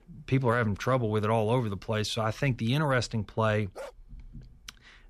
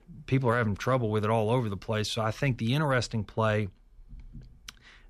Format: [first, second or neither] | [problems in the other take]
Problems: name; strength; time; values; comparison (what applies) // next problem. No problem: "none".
second | dog barking; faint; at 4 s; peak 15 dB below the speech